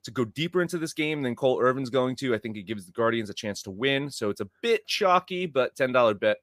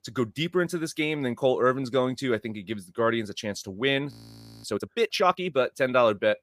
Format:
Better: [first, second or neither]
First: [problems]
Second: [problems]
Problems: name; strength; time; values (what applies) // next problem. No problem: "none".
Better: first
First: none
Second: audio freezing; at 4 s for 0.5 s